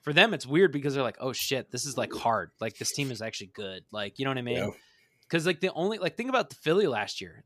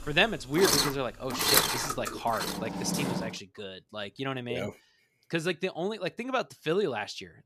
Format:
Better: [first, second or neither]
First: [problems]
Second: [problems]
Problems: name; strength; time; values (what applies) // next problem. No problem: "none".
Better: first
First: none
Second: machinery noise; very loud; until 3.5 s; 4 dB above the speech